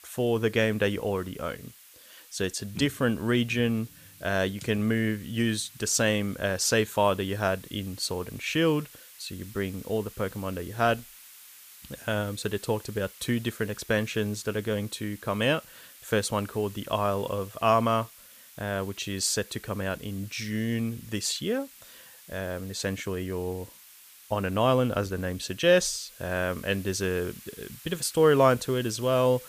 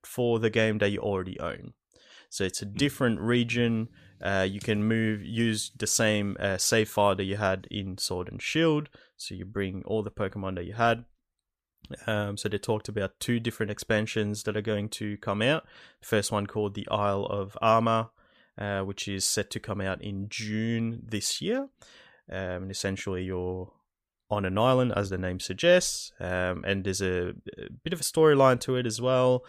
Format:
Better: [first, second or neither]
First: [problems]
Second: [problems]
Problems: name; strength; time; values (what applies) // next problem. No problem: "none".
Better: second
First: hiss; noticeable; throughout; 20 dB below the speech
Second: none